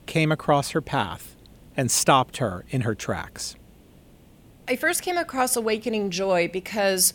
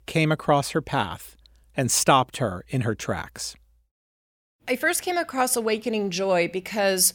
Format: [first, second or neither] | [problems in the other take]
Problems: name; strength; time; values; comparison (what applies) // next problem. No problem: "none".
second | hiss; faint; throughout; 30 dB below the speech